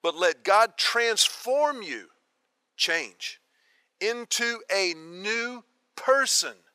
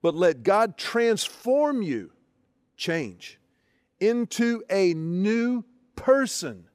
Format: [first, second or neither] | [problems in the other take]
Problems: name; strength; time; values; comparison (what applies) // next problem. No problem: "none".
second | thin; very; fading below 850 Hz